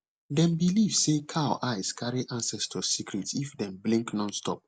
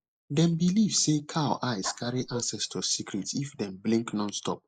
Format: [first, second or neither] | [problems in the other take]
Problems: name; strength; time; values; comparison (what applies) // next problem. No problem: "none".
first | noise reduction (neural mask model Resemble Enhance denoiser)